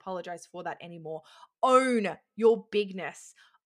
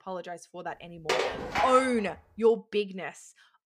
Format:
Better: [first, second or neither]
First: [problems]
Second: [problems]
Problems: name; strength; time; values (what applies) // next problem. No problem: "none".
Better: first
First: none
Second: clattering dishes; noticeable; at 1 s; peak level with the speech